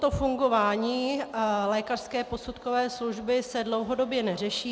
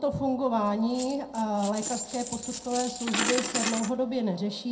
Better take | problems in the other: first | background sound (Coin (dropping)); 5 dB below the speech // room echo; dies away in 0.2 s

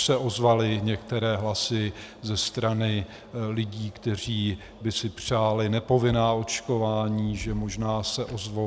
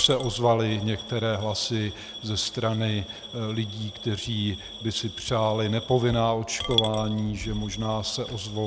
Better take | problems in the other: first | background sound (Coin (dropping) / Glass); 10 dB below the speech

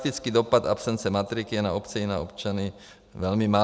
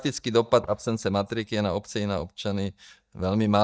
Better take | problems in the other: first | noise reduction (neural mask model DeepFilterNet 3)

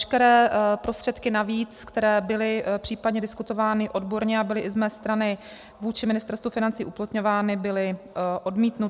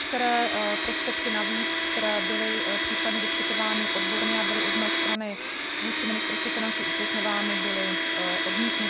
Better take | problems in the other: first | background sound (Domestic sounds, home sounds); 5 dB above the speech

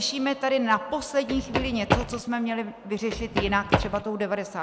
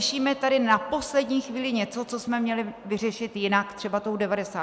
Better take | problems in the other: second | background sound (Run); 1 dB below the speech

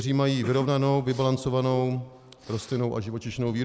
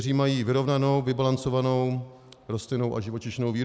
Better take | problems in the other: second | background sound (Respiratory sounds); 20 dB below the speech

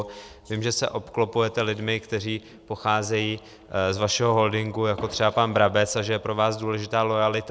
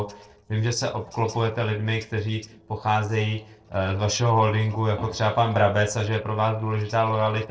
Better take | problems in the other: first | noise reduction (neural separator model SepFormer DNS4)

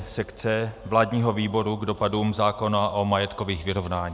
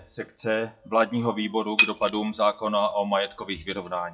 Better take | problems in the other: first | noise reduction (classical method WPE with log-MMSE)

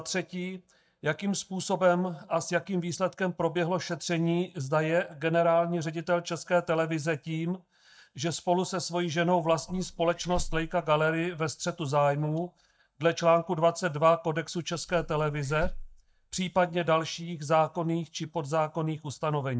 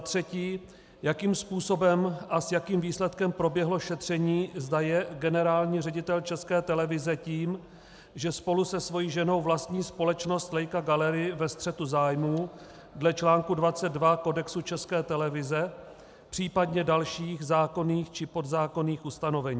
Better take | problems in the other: second | noise reduction (neural mask model DeepFilterNet 3)

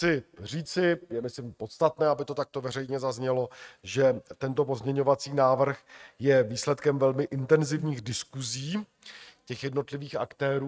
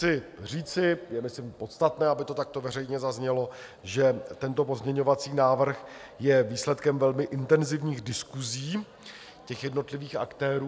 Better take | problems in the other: second | noise reduction (neural mask model RNNoise)

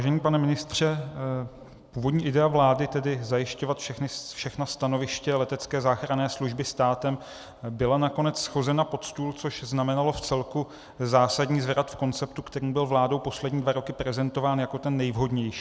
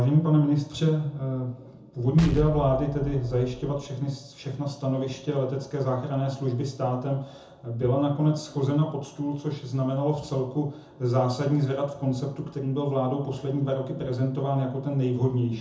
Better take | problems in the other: first | background sound (Explosion); 8 dB below the speech // room echo; dies away in 0.5 s

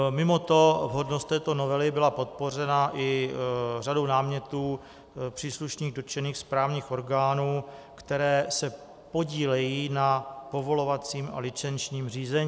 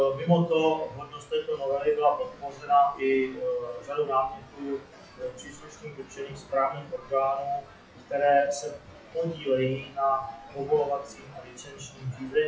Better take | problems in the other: first | noise reduction (classical method WPE with log-MMSE)

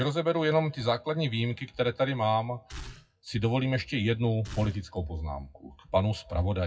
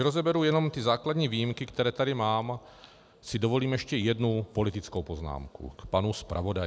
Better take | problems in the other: second | noise reduction (classical method WPE with log-MMSE)

